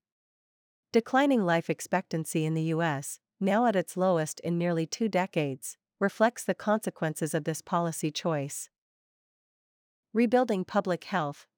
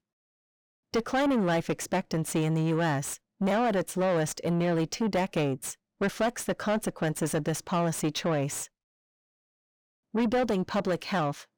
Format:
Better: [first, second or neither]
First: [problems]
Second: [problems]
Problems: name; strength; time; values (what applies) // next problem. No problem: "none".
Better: first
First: none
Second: distortion; heavy; 7 dB below the speech